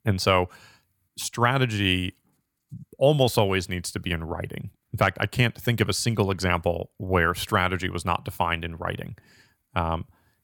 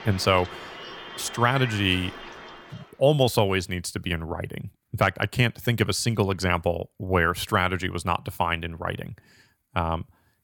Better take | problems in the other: first | train or aircraft noise; noticeable; until 2.5 s; 15 dB below the speech

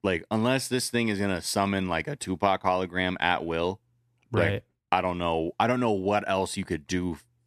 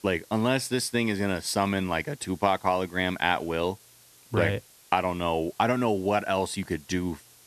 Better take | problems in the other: first | hiss; faint; throughout; 25 dB below the speech

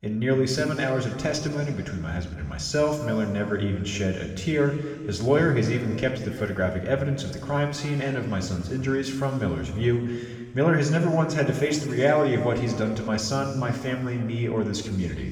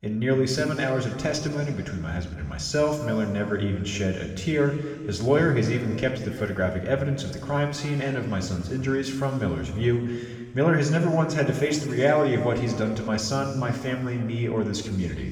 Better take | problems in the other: neither | room echo; noticeable; dies away in 2 s; the same in both // off-mic speech; somewhat distant; the same in both

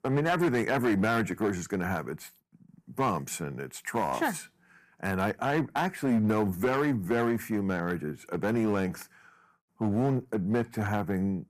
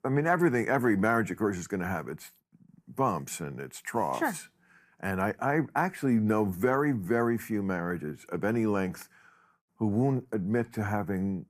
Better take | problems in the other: second | distortion; slight; 6% of the sound clipped

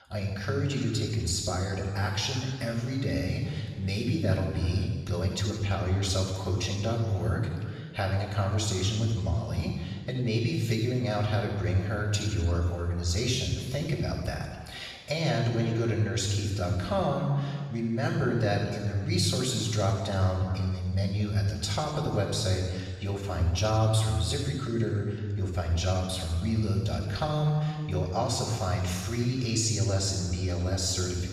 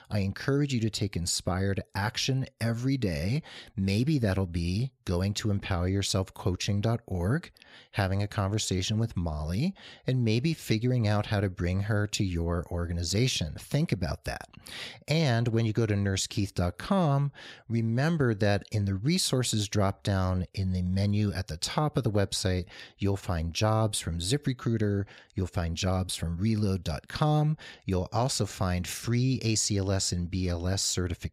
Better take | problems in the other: second | room echo; noticeable; dies away in 1.5 s // off-mic speech; far

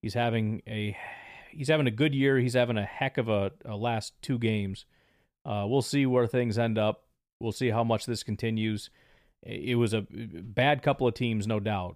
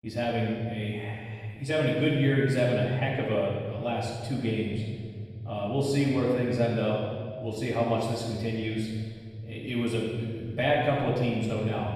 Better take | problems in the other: first | room echo; strong; dies away in 1.9 s // off-mic speech; far

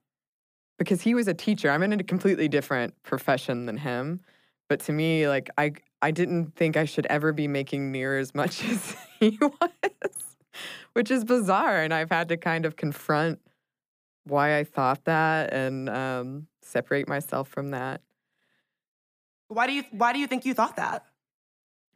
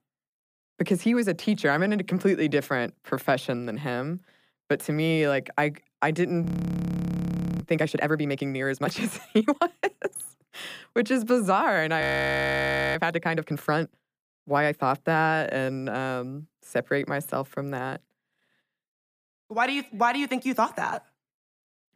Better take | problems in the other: first | audio freezing; at 6.5 s for 1 s and at 12 s for 1 s

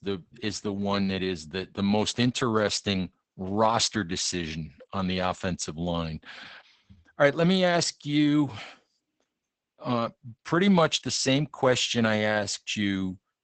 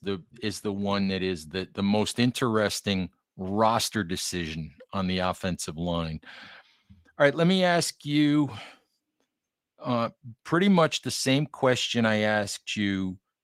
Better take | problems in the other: second | garbled, watery; badly; nothing above 8 kHz; slightly in the second

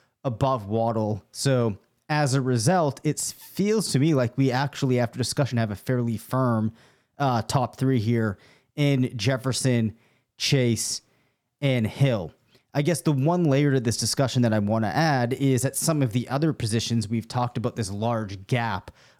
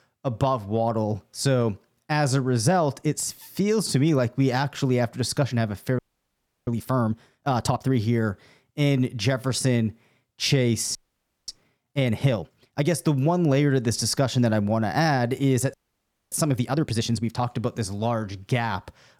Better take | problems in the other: first | audio freezing; at 6 s for 0.5 s, at 11 s for 0.5 s and at 16 s for 0.5 s

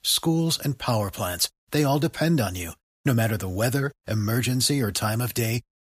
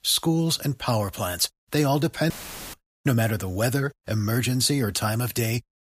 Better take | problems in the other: first | audio cutting out; filled with static; at 2.5 s

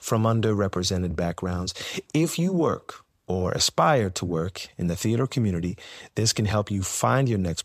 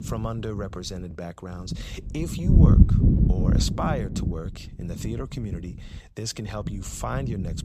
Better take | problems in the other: first | wind noise on the microphone; heavy; 1 dB above the speech

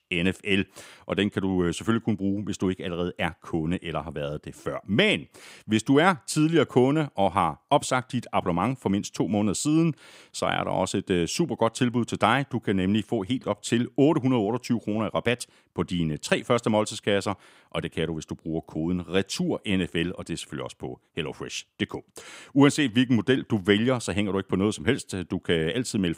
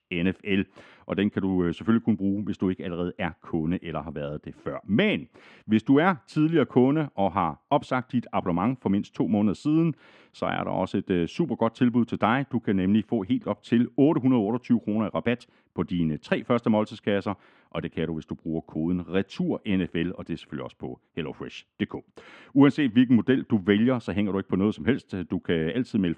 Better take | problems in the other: first | muffled; slightly; fading above 2.5 kHz

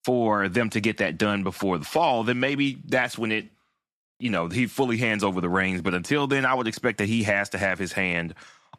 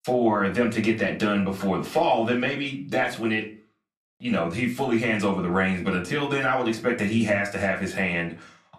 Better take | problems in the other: first | off-mic speech; somewhat distant // room echo; very slight; dies away in 0.3 s

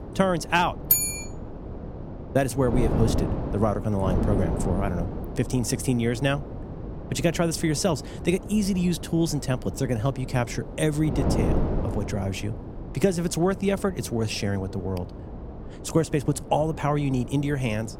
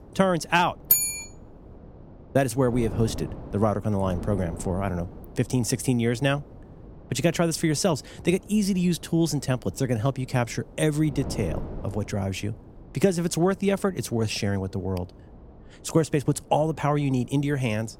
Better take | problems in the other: second | wind noise on the microphone; heavy; 10 dB below the speech; occasional gusts in the second

